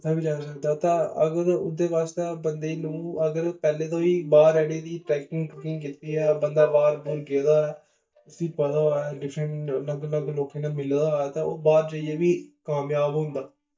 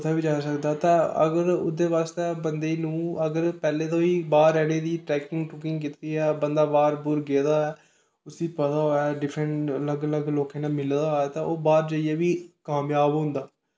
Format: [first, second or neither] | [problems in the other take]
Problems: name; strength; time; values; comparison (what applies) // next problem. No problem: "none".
second | noise reduction (neural mask model DeepFilterNet 3)